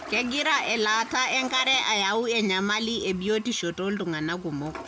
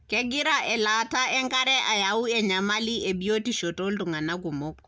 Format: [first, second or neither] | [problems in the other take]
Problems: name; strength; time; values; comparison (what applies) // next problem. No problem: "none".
second | background sound (Toilet flush); 17 dB below the speech